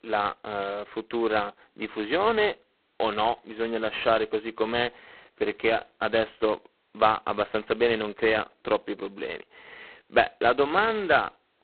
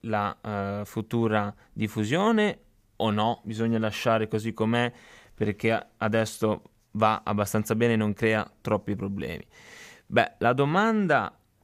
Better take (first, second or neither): second